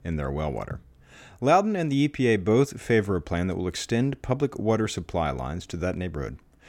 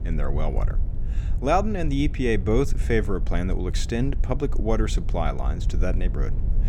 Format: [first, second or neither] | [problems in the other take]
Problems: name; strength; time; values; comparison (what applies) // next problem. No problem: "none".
first | low rumble; noticeable; throughout; 20 dB below the speech